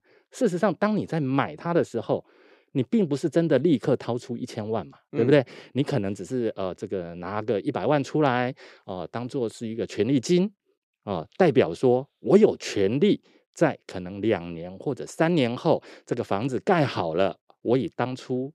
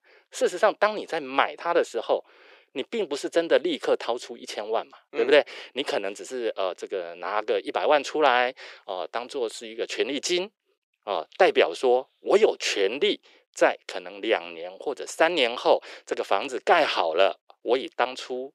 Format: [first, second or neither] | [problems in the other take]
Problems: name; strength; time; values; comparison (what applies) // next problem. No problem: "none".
first | thin; very; fading below 500 Hz